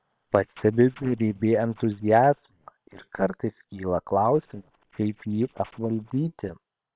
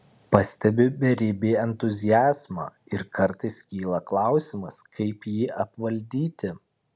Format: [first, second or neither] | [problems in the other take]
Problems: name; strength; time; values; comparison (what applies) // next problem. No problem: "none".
second | noise reduction (neural separator model SepFormer WHAM!)